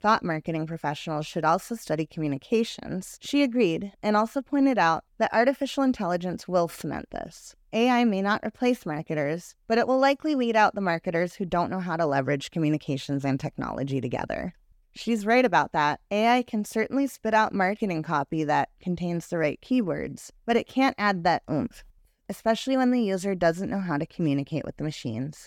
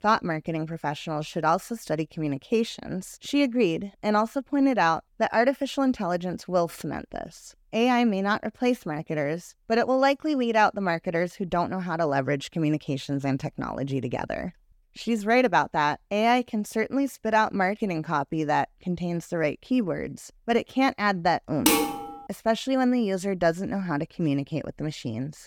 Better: first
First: none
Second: clattering dishes; loud; at 22 s; peak 4 dB above the speech

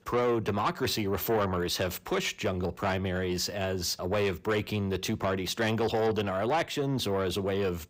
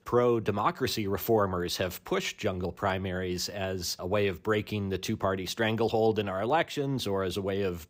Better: second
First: distortion; slight; 10 dB below the speech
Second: none

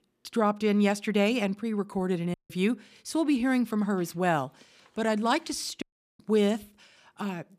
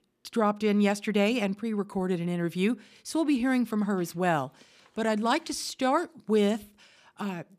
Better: second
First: audio cutting out; at 2.5 s and at 6 s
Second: none

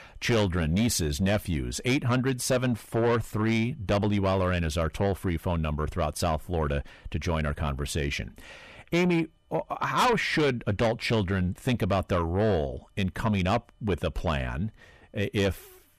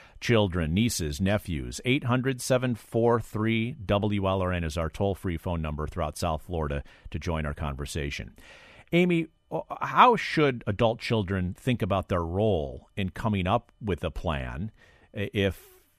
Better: second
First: distortion; heavy; 8 dB below the speech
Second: none

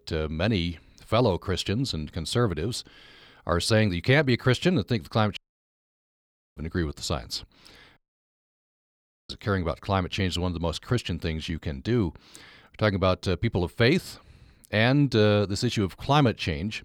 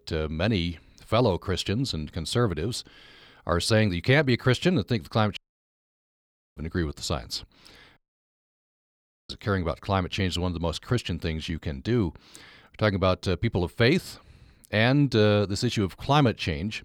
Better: neither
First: audio cutting out; at 5.5 s for 1 s and at 8 s for 1.5 s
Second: audio cutting out; at 5.5 s for 1 s and at 8 s for 1.5 s

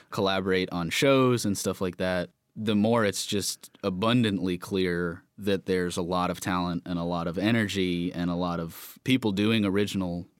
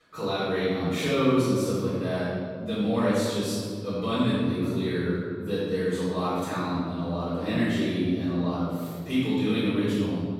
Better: first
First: none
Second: off-mic speech; far // room echo; strong; dies away in 2.4 s

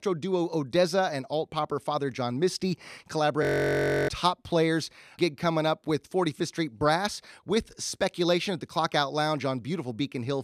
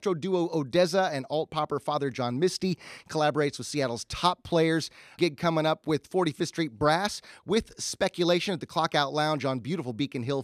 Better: second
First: audio freezing; at 3.5 s for 0.5 s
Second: none

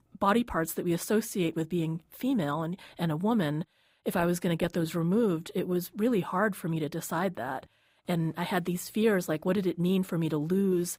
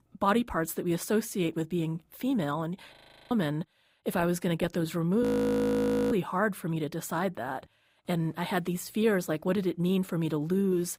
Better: first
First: none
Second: audio freezing; at 3 s and at 5 s for 1 s

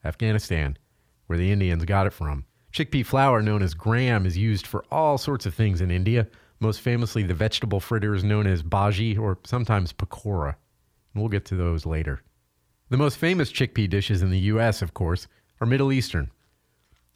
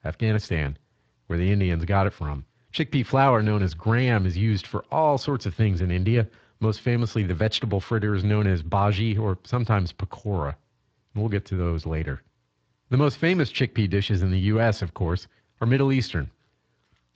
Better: first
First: none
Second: garbled, watery; slightly

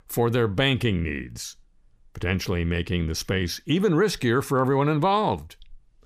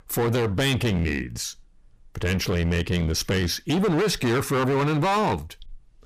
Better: first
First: none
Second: distortion; heavy; 20% of the sound clipped

